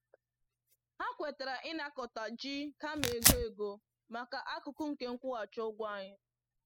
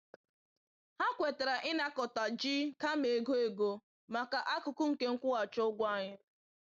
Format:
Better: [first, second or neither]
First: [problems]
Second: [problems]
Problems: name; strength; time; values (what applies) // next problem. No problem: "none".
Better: second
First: noise reduction (classical method spectral subtraction)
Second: none